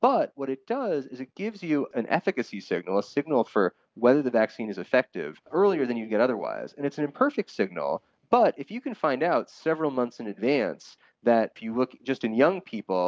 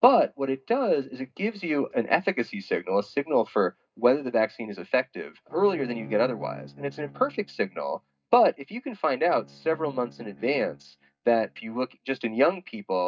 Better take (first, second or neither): first